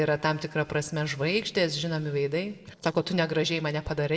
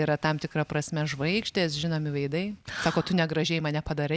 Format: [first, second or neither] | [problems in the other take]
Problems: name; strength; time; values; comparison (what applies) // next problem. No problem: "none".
second | noise reduction (neural separator model SepFormer DNS4)